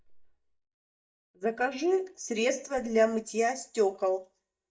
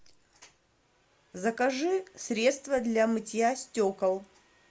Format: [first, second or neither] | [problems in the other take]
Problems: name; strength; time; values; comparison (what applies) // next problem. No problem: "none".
second | noise reduction (neural mask model DeepFilterNet 3)